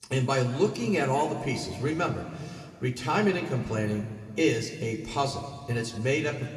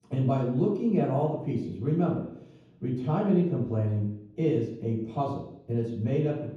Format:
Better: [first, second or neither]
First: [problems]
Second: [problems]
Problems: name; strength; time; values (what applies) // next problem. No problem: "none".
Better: first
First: room echo; slight; dies away in 2.1 s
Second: room echo; strong; dies away in 0.9 s // off-mic speech; far